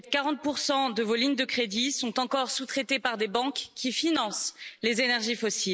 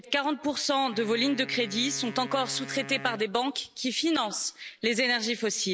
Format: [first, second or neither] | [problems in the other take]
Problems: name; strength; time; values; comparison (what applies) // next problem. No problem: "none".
first | background sound (Wind instrument, woodwind instrument); 16 dB below the speech